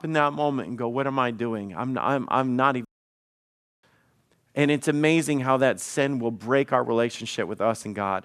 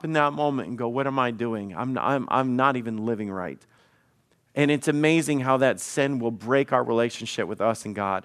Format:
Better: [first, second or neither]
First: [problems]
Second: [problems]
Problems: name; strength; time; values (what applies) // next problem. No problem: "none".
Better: second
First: audio cutting out; at 3 s for 1 s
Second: none